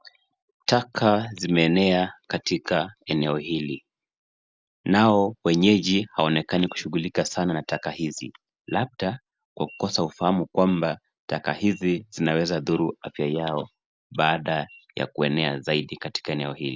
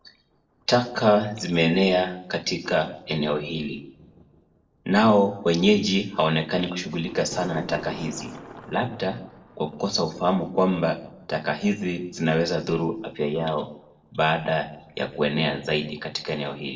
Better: first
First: none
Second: noise reduction (neural separator model SepFormer DNS4)

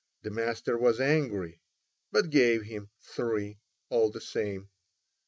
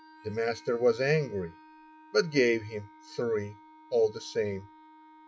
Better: first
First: none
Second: noise reduction (classical method log-MMSE)

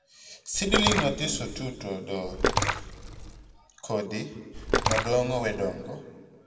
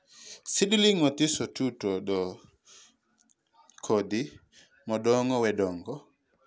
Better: second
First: background sound (Splash, splatter); as loud as the speech // room echo; dies away in 1.3 s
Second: none

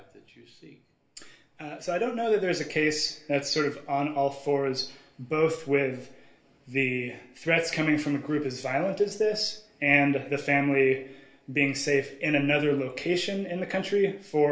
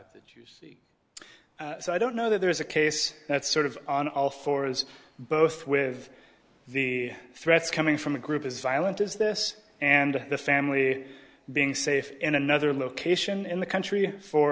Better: second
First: room echo; dies away in 0.3 s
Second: none

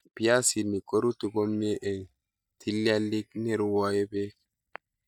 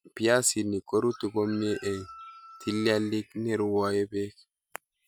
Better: second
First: noise reduction (neural mask model DeepFilterNet 3)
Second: none

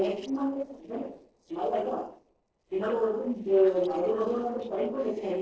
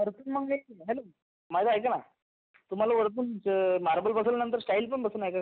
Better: second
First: noise reduction (neural separator model SepFormer DNS4)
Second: none

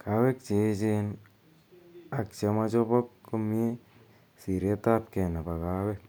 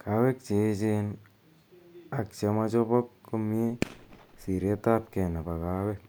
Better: first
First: none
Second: background sound (Fireworks); 13 dB below the speech

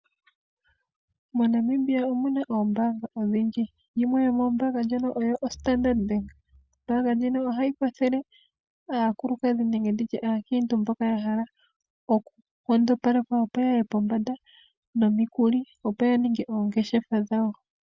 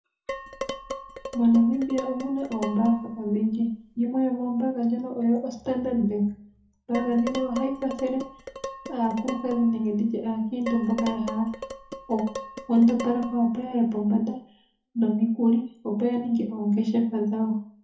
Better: first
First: none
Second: background sound (Dishes, pots, and pans); 12 dB below the speech // room echo; dies away in 0.6 s

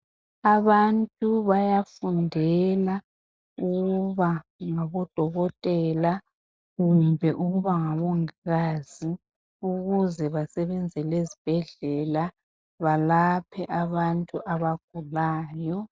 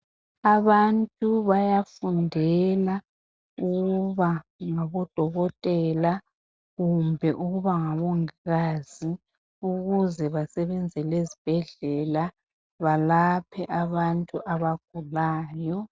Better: second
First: noise reduction (neural mask model Resemble Enhance denoiser)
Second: none

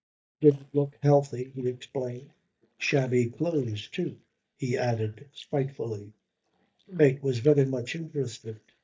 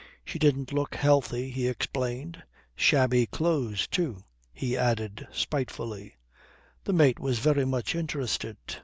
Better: second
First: noise reduction (neural mask model DeepFilterNet 3)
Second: none

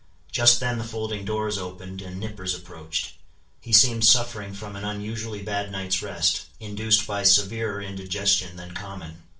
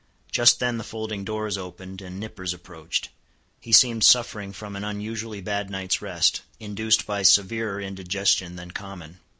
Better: second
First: room echo; dies away in 0.3 s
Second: none

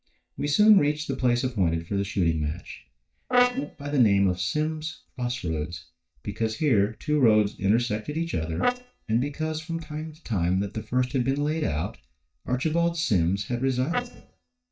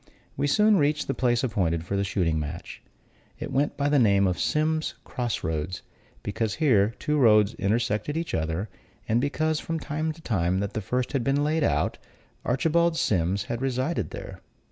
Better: second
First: noise reduction (neural mask model DeepFilterNet 3)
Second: none

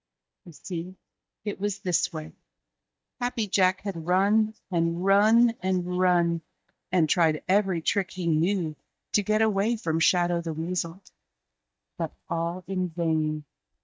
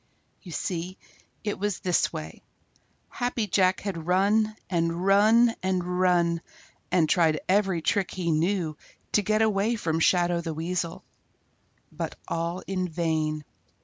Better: second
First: noise reduction (neural mask model DeepFilterNet 3)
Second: none

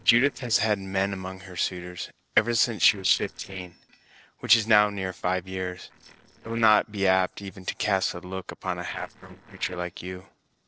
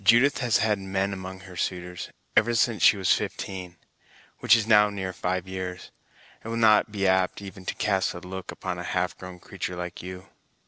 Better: second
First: noise reduction (neural separator model SepFormer DNS4)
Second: none

